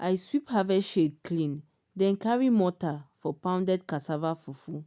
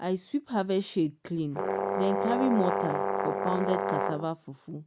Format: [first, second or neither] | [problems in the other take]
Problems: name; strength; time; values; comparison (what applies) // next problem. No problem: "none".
first | background sound (Brass instrument); 1 dB above the speech